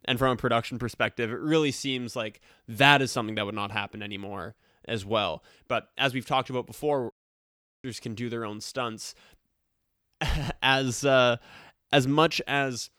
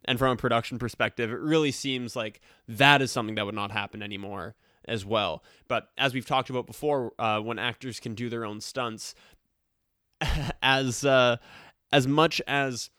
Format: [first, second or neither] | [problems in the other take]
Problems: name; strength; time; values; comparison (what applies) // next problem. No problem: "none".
second | audio cutting out; at 7 s for 0.5 s